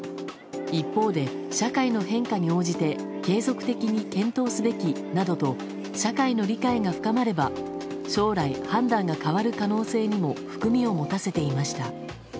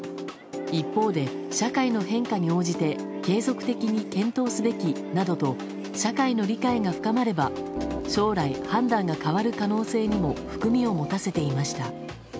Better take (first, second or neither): first